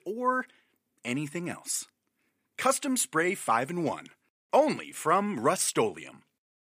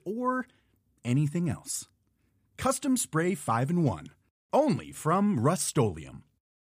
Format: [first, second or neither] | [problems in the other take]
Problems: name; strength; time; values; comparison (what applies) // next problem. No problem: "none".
second | thin; somewhat; fading below 350 Hz